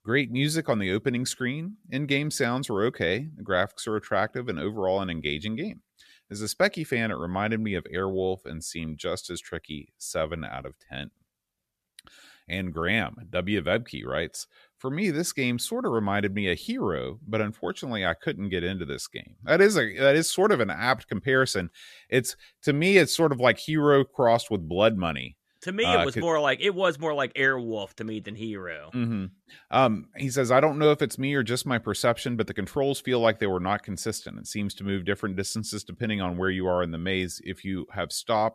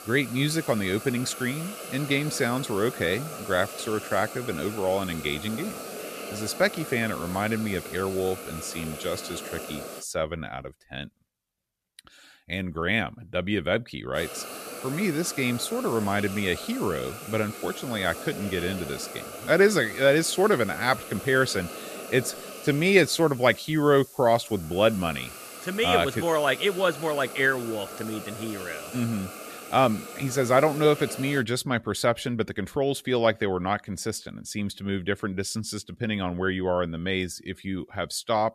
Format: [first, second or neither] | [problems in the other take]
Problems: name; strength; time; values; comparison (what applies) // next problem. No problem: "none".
first | hiss; noticeable; until 10 s and from 14 to 31 s; 10 dB below the speech